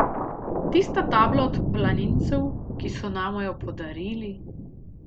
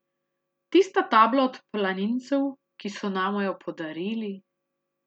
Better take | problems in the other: second | background sound (Thunder); as loud as the speech

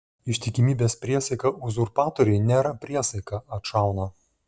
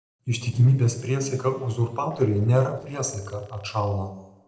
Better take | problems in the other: first | noise reduction (neural separator model SepFormer DNS4)

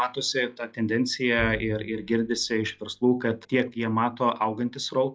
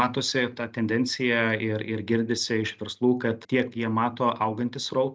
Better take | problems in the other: second | noise reduction (classical method log-MMSE)

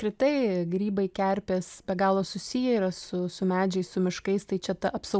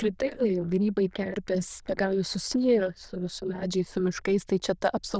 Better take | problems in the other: first | noise reduction (neural diffusion model UNIVERSE++)

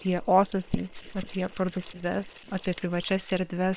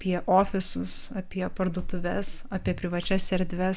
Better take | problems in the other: second | noise reduction (neural separator model SepFormer WHAM!)

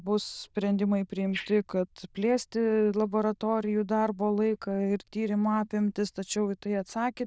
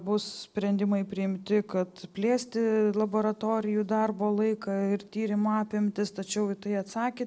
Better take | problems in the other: second | noise reduction (neural diffusion model UNIVERSE++)

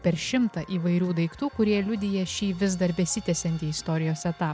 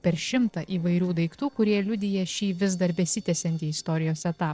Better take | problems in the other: first | noise reduction (neural separator model SepFormer DNS4)

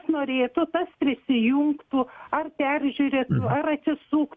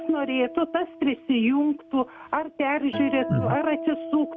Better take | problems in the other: first | background sound (Acoustic guitar); 11 dB below the speech

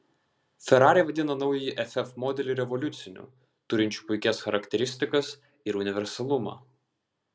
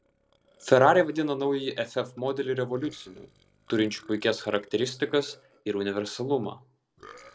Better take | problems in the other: first | noise reduction (neural separator model SepFormer DNS4)

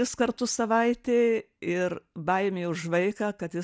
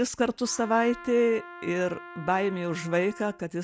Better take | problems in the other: first | background sound (Trumpet); 17 dB below the speech

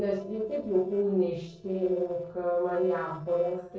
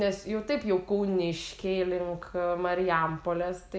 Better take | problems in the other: second | noise reduction (neural separator model SepFormer DNS4)

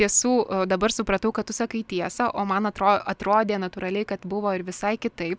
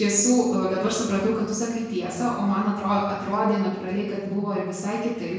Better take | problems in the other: first | room echo; dies away in 1 s

